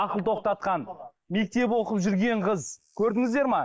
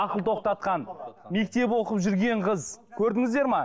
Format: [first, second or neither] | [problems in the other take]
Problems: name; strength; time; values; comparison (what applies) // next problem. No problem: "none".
second | noise reduction (neural mask model Resemble Enhance denoiser)